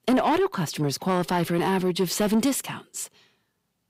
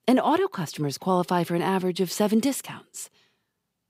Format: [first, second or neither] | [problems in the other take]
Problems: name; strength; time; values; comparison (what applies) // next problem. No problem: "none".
second | distortion; slight; 10 dB below the speech